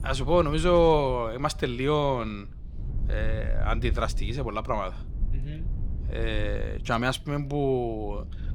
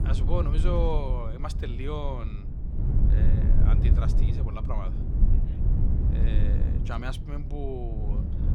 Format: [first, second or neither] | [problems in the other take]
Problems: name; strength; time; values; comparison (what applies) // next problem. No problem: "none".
first | low rumble; loud; throughout; 5 dB below the speech; faint in the first